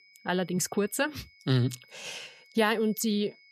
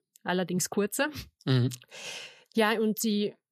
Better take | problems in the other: second | high-pitched whine; faint; throughout; 2 kHz, 25 dB below the speech

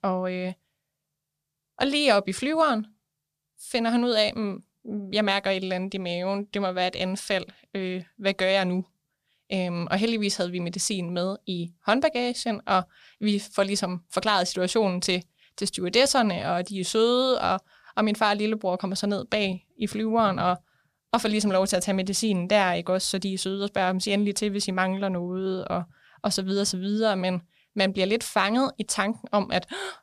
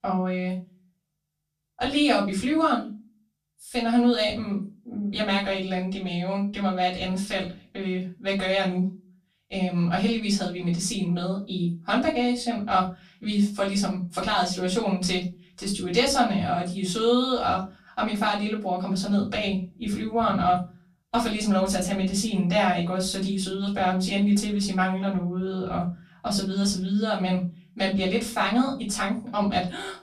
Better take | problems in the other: first | room echo; slight; dies away in 0.3 s // off-mic speech; far

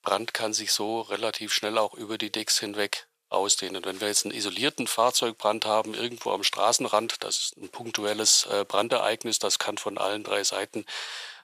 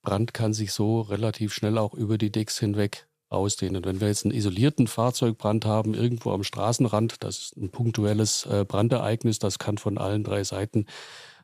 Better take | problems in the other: second | thin; very; fading below 650 Hz

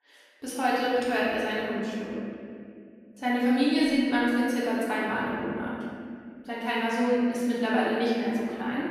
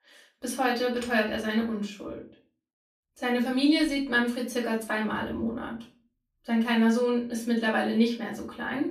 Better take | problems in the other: second | room echo; strong; dies away in 2.1 s; slight in the second // off-mic speech; far; far in the second

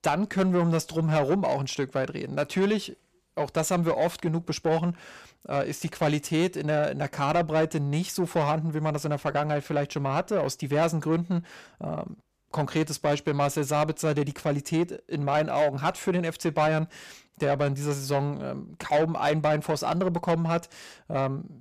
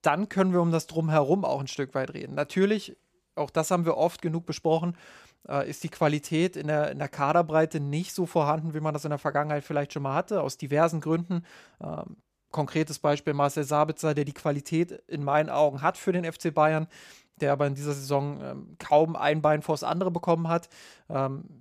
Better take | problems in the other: second | distortion; slight; 10 dB below the speech

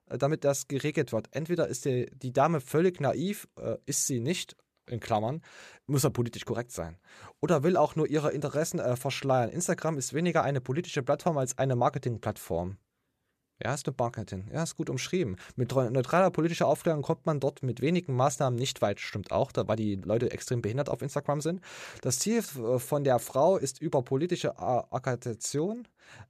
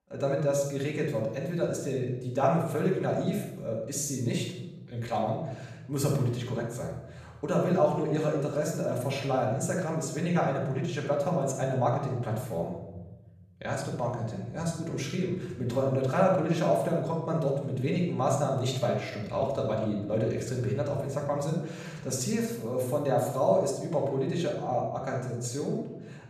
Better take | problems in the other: first | off-mic speech; far // room echo; noticeable; dies away in 1 s

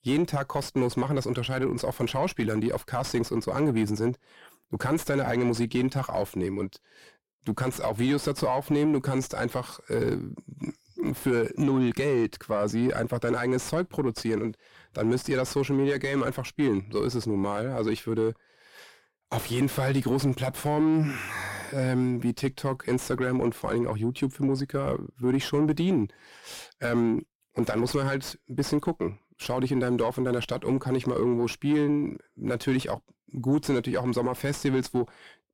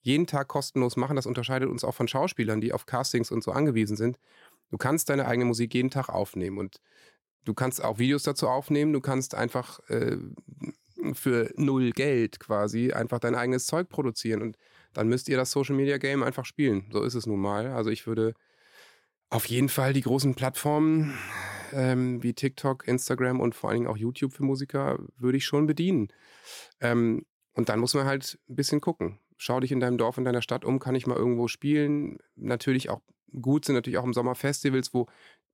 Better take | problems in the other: second | distortion; slight; 9 dB below the speech

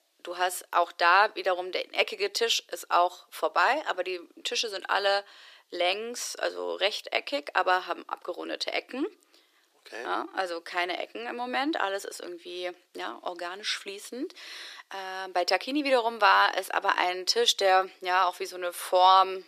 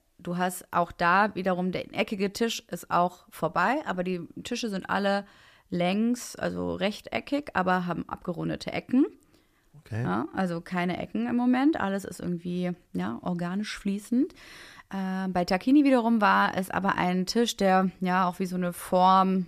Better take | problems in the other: second | thin; very; fading below 350 Hz

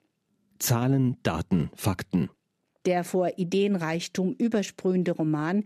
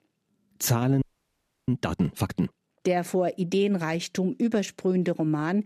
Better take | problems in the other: first | audio freezing; at 1 s for 0.5 s

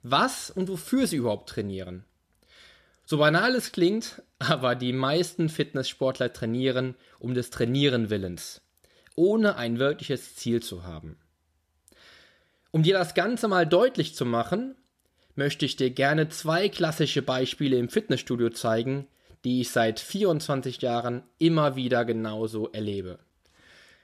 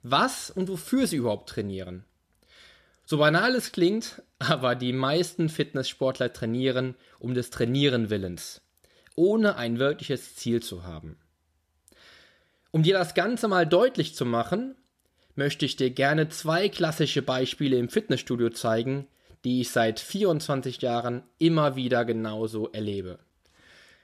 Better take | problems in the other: neither | none

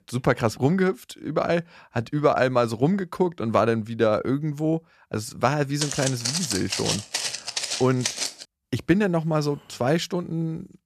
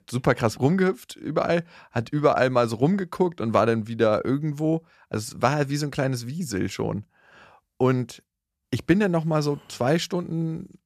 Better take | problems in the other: second | footsteps; noticeable; from 6 to 8.5 s; peak 1 dB below the speech

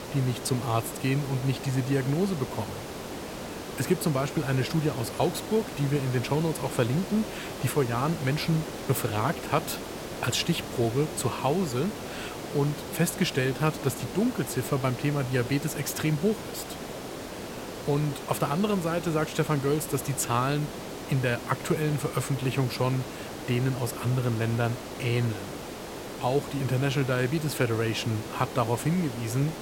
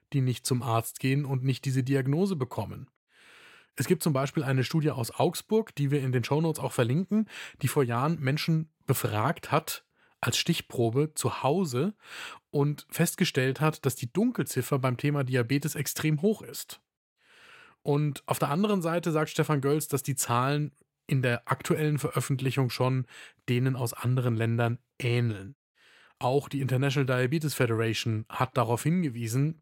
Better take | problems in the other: second | hiss; loud; throughout; 9 dB below the speech

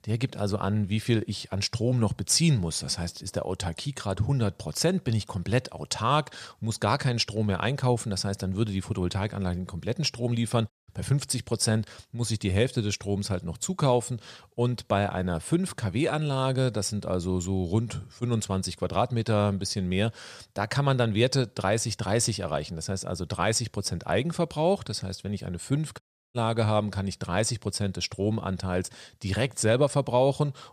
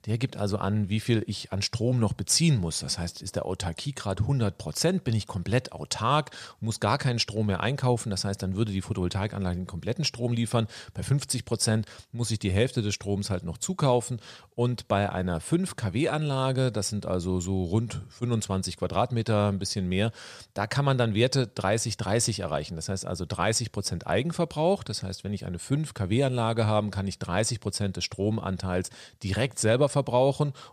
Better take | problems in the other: second | audio cutting out; at 11 s and at 26 s

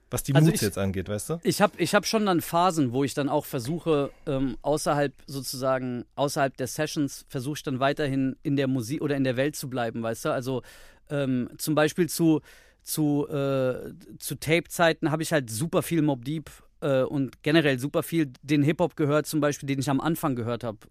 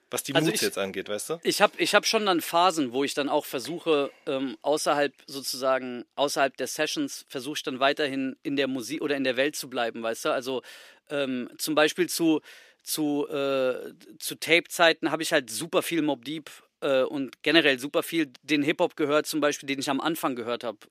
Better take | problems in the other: first | thin; very slightly; fading below 350 Hz

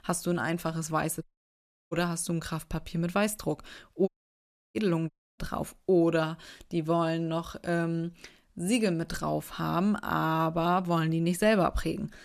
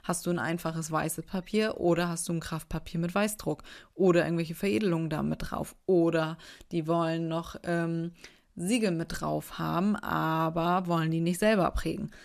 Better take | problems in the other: second | audio cutting out; at 1 s for 0.5 s, at 4 s for 0.5 s and at 5 s

